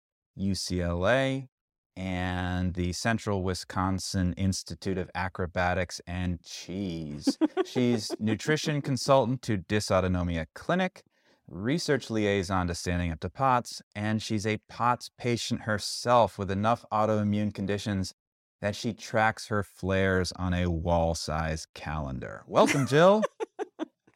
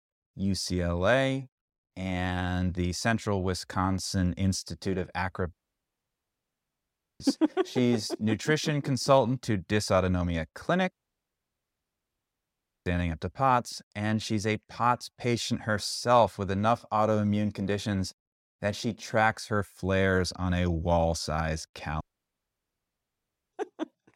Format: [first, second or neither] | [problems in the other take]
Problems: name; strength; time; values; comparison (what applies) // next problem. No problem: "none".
first | audio cutting out; at 5.5 s for 1.5 s, at 11 s for 2 s and at 22 s for 1.5 s